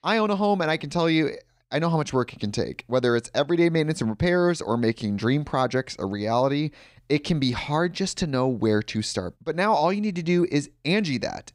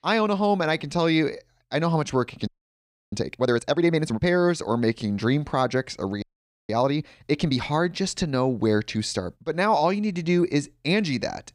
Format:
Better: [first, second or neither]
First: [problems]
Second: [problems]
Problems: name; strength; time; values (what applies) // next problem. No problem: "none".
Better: first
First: none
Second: audio freezing; at 2.5 s for 0.5 s and at 6 s